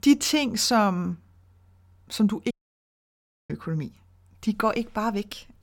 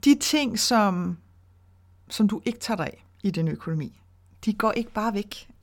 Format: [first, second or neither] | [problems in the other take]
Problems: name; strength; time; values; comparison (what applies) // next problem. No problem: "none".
second | audio cutting out; at 2.5 s for 1 s